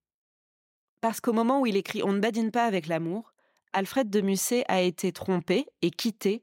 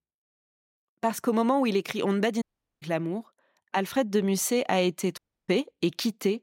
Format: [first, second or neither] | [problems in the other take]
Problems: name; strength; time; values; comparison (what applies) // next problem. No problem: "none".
first | audio cutting out; at 2.5 s and at 5 s